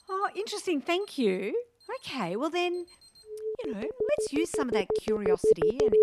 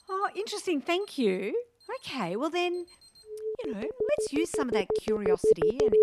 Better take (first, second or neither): neither